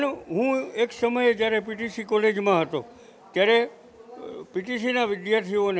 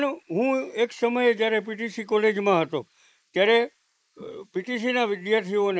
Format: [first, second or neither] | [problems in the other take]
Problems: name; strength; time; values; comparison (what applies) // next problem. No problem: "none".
first | noise reduction (neural mask model Resemble Enhance denoiser)